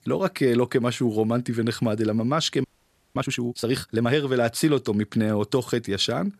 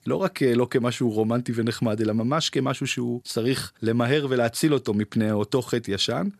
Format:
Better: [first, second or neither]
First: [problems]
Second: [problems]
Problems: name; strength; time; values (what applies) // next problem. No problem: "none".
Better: second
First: audio freezing; at 2.5 s for 0.5 s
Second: none